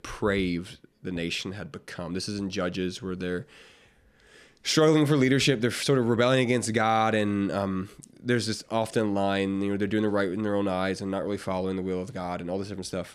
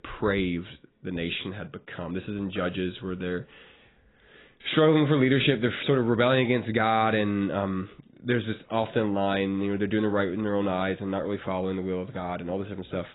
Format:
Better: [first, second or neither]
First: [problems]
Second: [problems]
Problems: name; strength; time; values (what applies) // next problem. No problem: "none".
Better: first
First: none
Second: garbled, watery; badly; nothing above 4 kHz